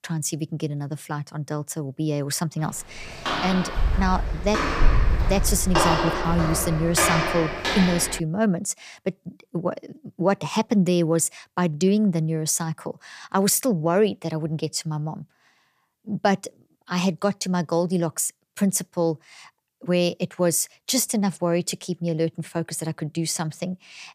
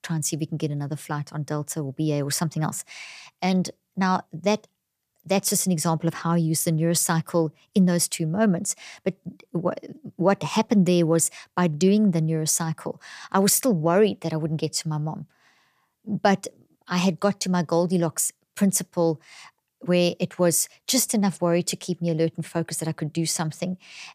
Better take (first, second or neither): second